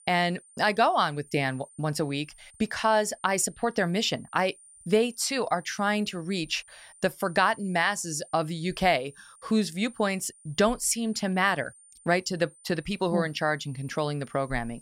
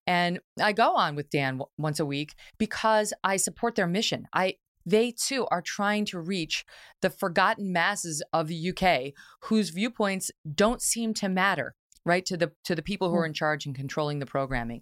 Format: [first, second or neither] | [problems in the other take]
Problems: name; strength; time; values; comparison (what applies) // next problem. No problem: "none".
second | high-pitched whine; faint; throughout; 9 kHz, 25 dB below the speech